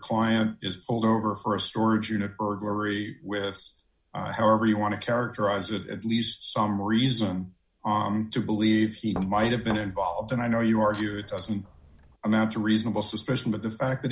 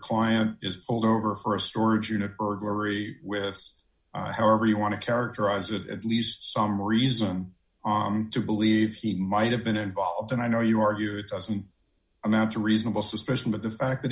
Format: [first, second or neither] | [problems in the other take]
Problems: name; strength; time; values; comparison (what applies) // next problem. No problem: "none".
second | background sound (Knock); 16 dB below the speech